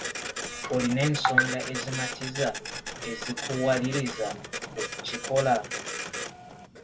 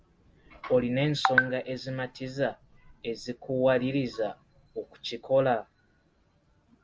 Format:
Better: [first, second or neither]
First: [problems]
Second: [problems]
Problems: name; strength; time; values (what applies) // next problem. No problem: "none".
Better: second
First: background sound (Printer); 6 dB below the speech // room echo; dies away in 0.2 s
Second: none